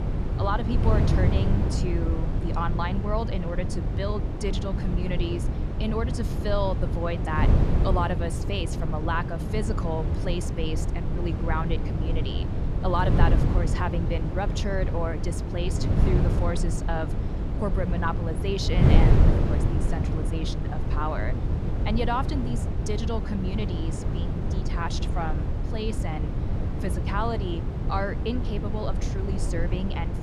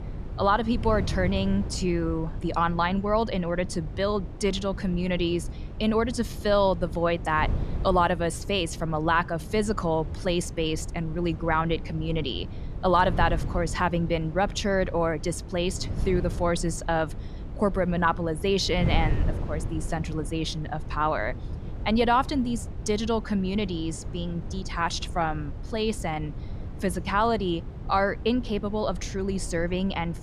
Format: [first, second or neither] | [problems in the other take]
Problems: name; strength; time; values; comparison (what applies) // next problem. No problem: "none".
second | wind noise on the microphone; heavy; 4 dB below the speech; occasional gusts in the second